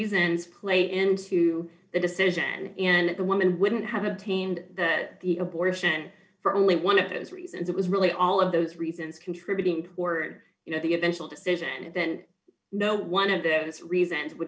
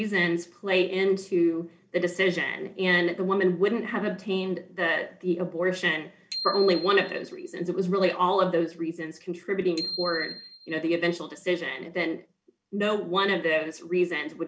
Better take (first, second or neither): first